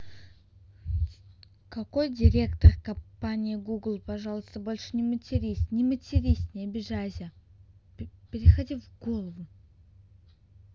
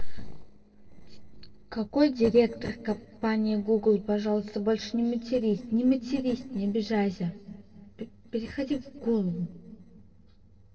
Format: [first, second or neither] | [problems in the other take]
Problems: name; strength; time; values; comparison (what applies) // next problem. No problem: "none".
first | noise reduction (neural separator model SepFormer DNS4)